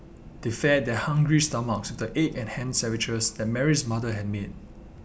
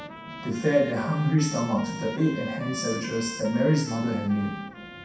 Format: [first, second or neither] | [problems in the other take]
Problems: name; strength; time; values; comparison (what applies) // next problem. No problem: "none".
first | background sound (Trumpet); 14 dB below the speech // room echo; dies away in 0.6 s